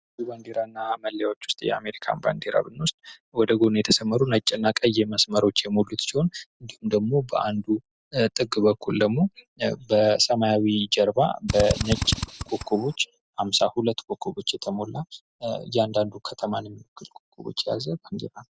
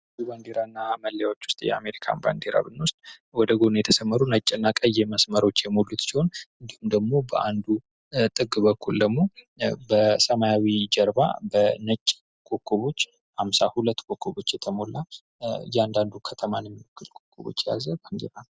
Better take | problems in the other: second | background sound (Drill); 4 dB below the speech

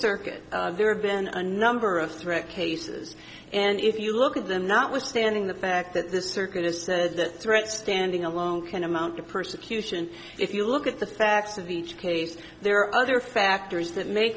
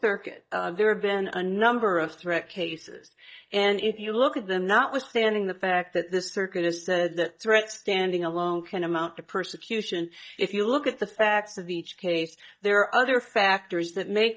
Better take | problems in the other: first | noise reduction (neural mask model DeepFilterNet 3)

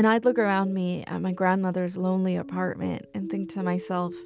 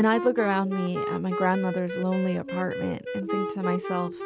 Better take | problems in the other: first | background sound (Wind instrument, woodwind instrument); 6 dB below the speech

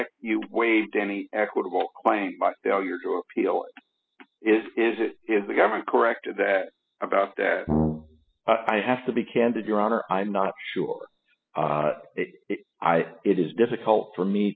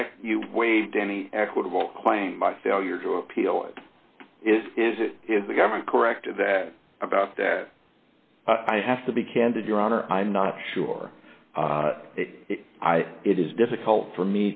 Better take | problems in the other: second | noise reduction (classical method spectral subtraction)

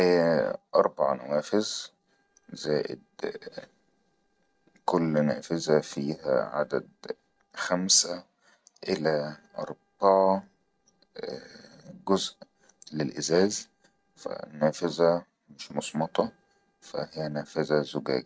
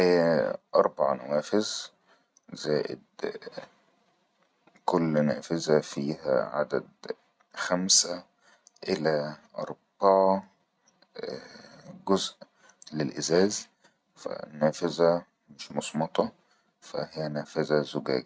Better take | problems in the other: second | noise reduction (neural separator model SepFormer DNS4)

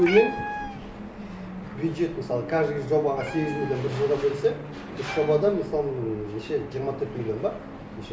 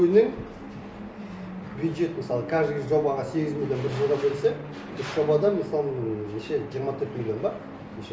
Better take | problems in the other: second | background sound (Meow); 13 dB below the speech

